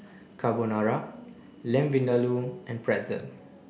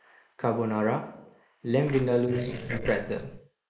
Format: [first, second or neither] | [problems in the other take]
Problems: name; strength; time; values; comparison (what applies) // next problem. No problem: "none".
first | noise reduction (neural mask model Resemble Enhance denoiser)